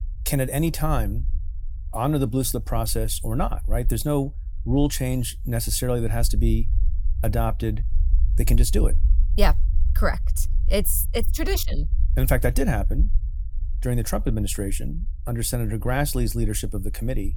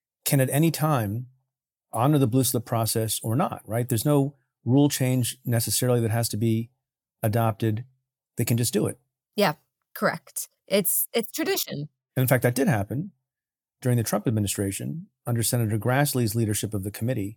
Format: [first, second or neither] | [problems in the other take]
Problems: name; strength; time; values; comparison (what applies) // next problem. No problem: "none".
second | low rumble; faint; throughout; 20 dB below the speech